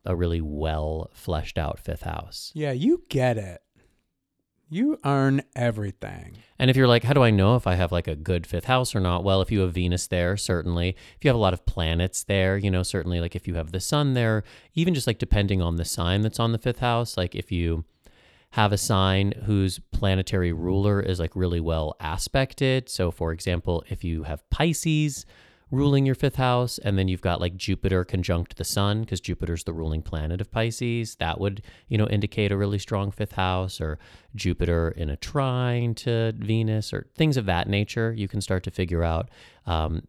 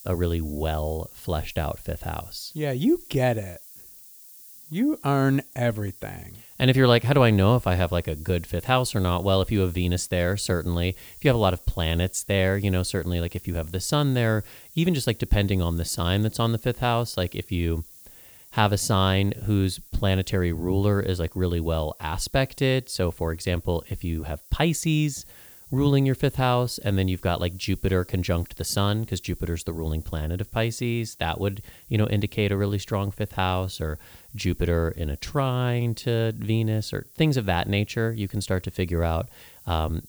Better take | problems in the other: first | hiss; noticeable; throughout; 20 dB below the speech

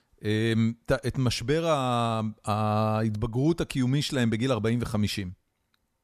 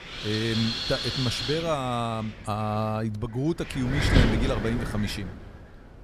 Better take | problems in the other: first | wind noise on the microphone; heavy; 1 dB above the speech

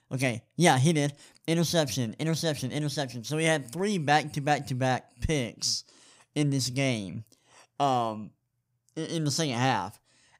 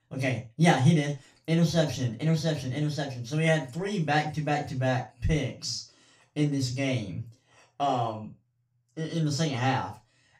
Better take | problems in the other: first | room echo; slight; dies away in 0.3 s // off-mic speech; far

